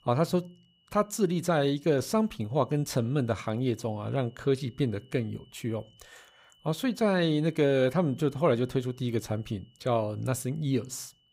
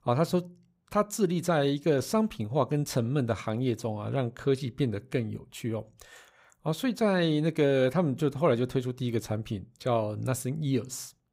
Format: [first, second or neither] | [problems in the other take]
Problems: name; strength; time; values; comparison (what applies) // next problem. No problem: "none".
second | high-pitched whine; faint; throughout; 3 kHz, 35 dB below the speech